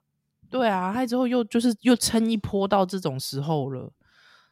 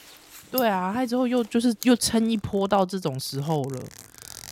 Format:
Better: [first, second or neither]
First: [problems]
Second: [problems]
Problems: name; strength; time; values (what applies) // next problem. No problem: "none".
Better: first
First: none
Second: household noises; noticeable; throughout; 15 dB below the speech